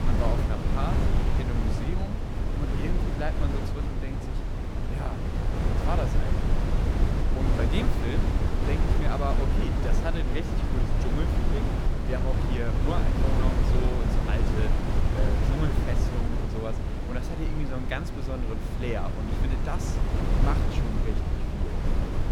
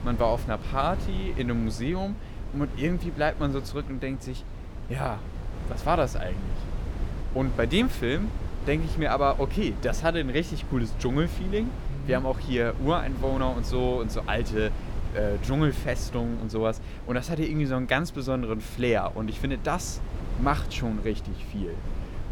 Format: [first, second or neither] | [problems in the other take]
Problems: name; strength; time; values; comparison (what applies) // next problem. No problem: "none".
second | wind noise on the microphone; heavy; 1 dB above the speech; occasional gusts in the second